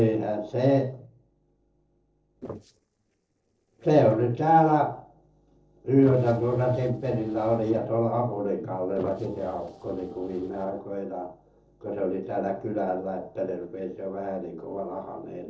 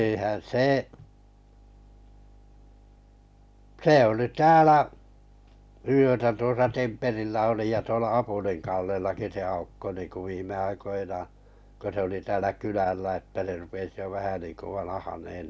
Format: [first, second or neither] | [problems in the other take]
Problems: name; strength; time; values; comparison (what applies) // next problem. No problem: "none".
second | noise reduction (neural separator model SepFormer DNS4)